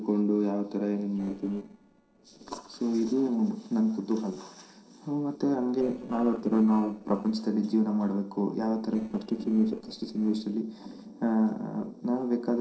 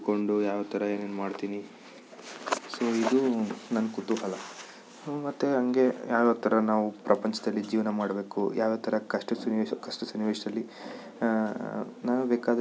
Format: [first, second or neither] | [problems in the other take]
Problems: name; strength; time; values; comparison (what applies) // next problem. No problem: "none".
second | noise reduction (neural separator model SepFormer DNS4)